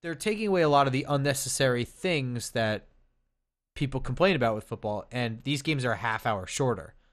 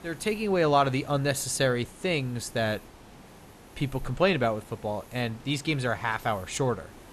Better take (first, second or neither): first